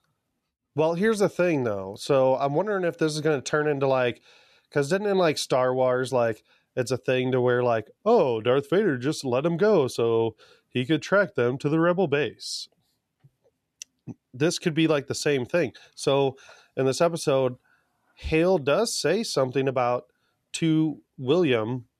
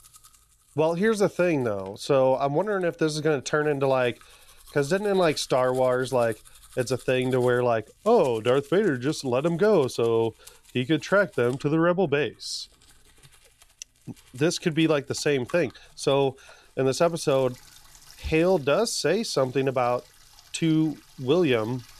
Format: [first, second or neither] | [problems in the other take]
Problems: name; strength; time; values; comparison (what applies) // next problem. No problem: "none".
first | household noises; faint; throughout; 25 dB below the speech